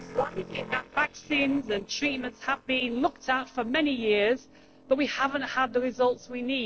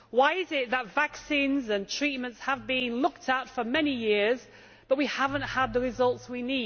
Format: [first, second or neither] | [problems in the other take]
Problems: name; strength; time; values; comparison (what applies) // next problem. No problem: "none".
second | noise reduction (neural separator model SepFormer DNS4)